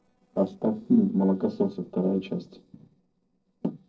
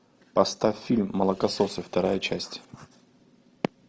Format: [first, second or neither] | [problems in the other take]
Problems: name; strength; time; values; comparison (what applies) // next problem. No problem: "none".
second | noise reduction (neural separator model SepFormer DNS4)